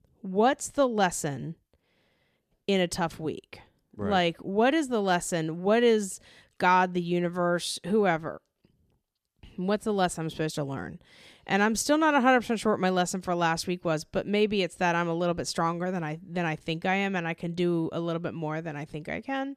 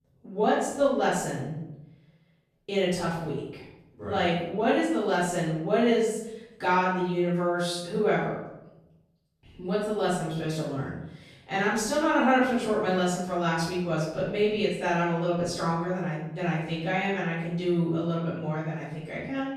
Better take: first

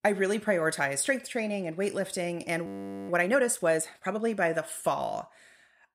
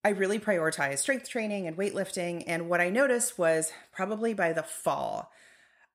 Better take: second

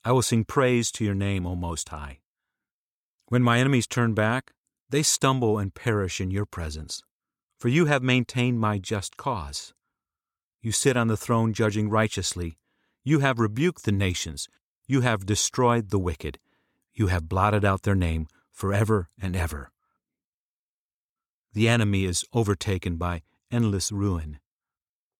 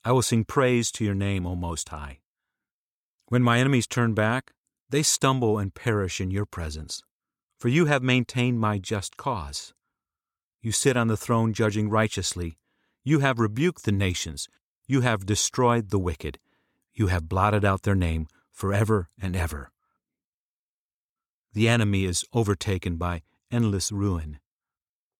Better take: neither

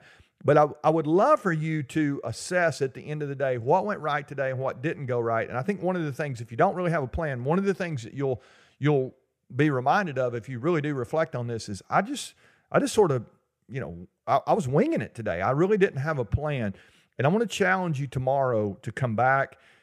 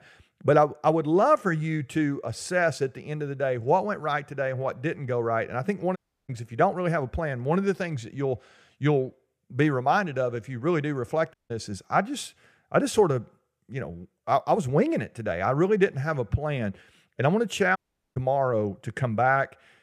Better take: first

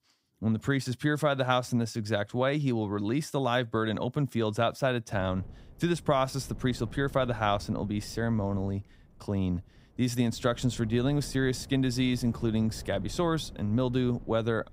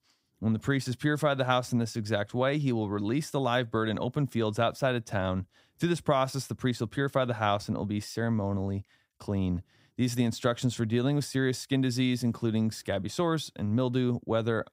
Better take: second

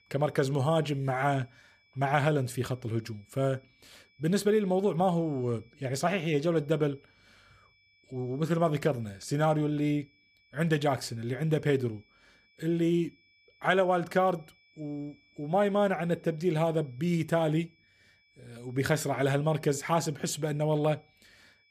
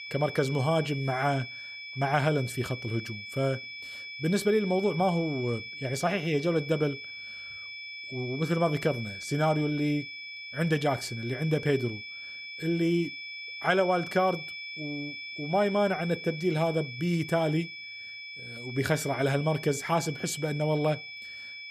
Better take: first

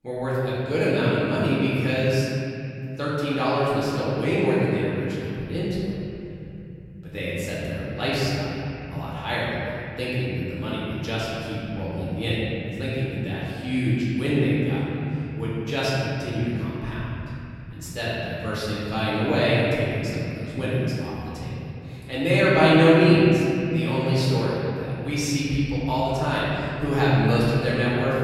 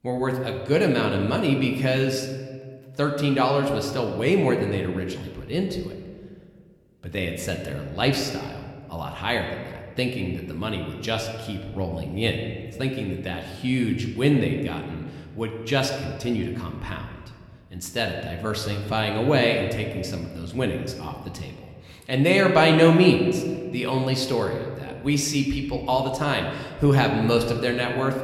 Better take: second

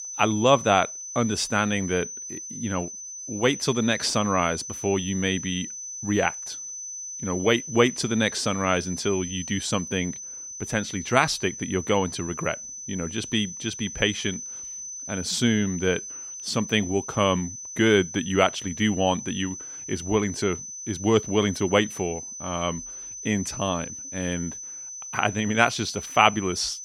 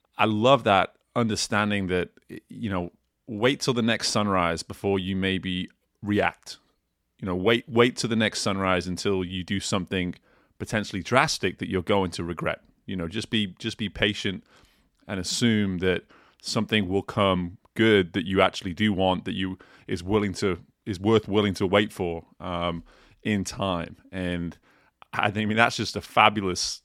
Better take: second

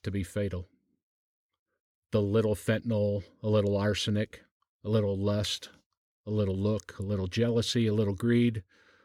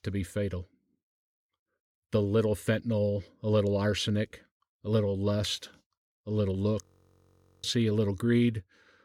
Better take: first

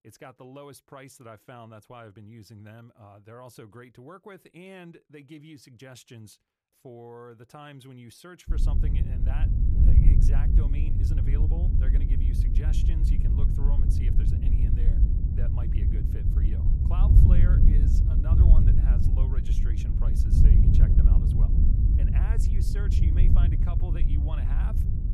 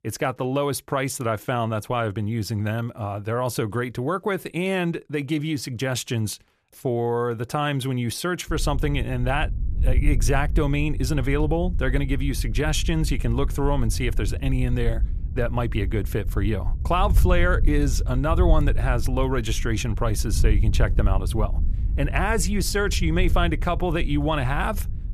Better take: second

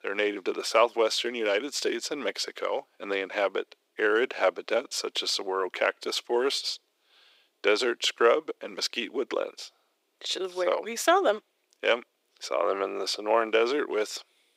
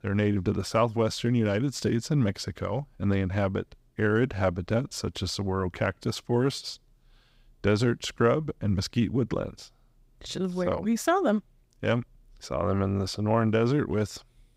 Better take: second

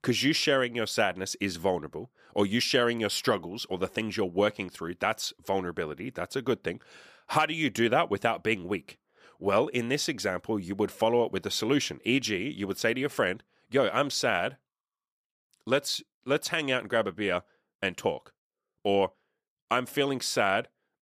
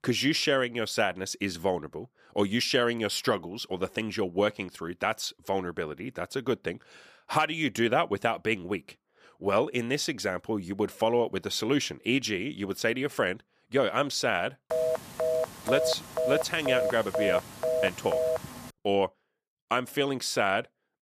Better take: first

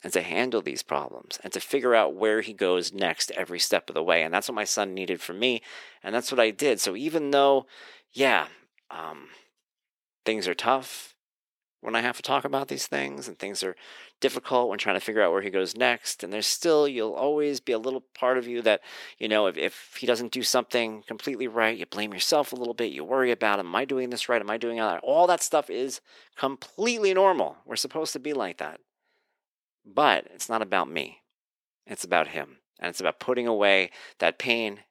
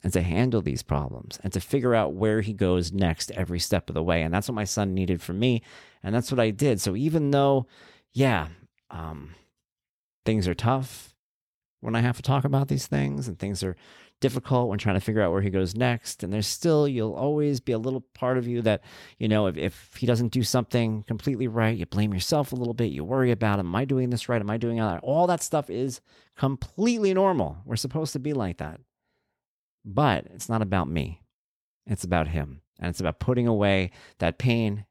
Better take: second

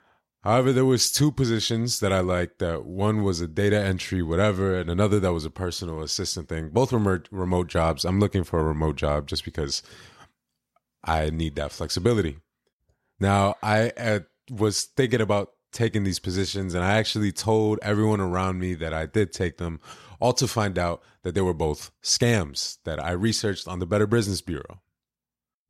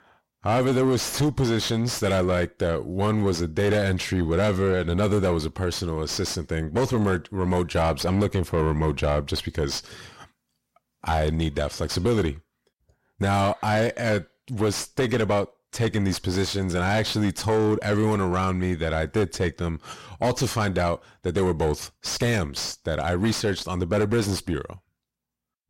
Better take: first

